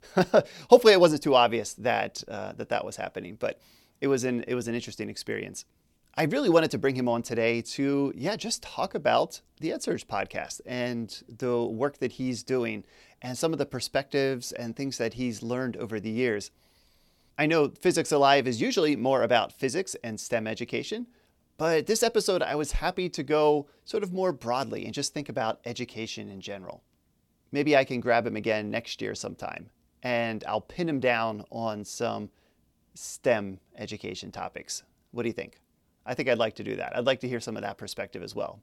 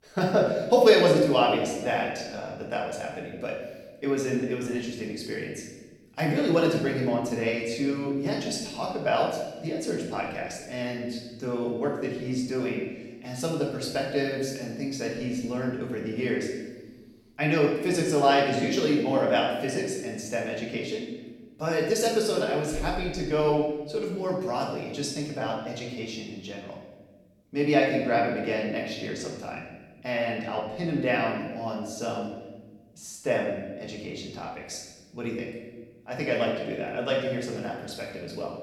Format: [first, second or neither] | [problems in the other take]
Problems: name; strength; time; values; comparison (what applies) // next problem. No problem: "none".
first | room echo; noticeable; dies away in 1.1 s // off-mic speech; far